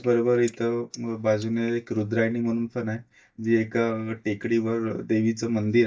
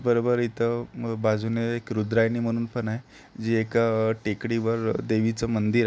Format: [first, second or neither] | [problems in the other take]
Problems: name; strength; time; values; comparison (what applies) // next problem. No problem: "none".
second | noise reduction (neural mask model DeepFilterNet 3)